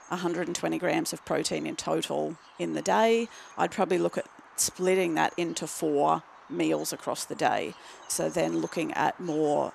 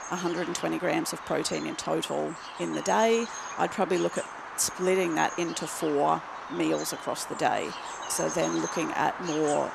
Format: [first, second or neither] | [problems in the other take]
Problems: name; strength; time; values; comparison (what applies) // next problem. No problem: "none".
first | animal sounds; loud; throughout; 8 dB below the speech; faint in the first